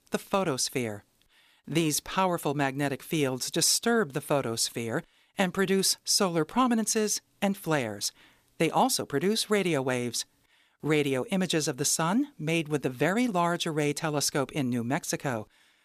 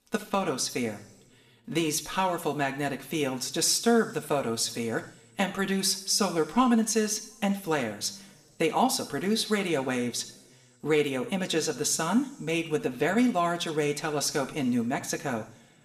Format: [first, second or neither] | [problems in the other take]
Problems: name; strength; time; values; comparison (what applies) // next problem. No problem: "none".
first | room echo; very slight; dies away in 1.1 s